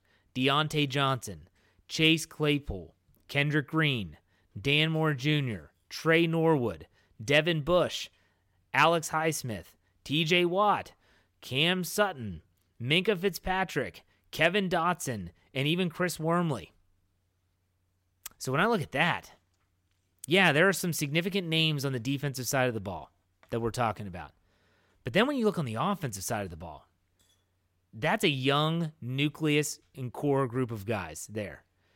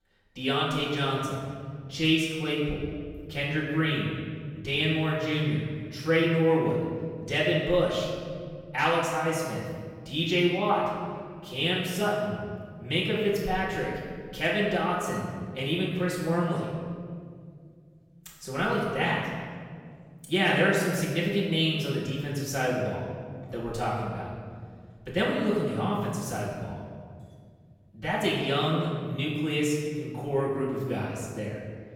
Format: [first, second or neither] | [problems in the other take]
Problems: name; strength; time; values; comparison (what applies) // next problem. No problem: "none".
first | off-mic speech; far // room echo; noticeable; dies away in 2 s